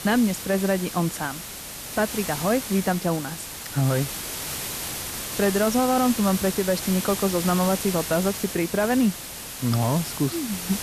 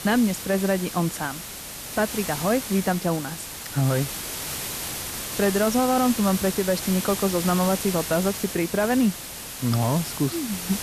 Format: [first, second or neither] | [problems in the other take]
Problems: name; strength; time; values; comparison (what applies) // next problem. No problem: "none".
neither | hiss; loud; throughout; 6 dB below the speech; the same in both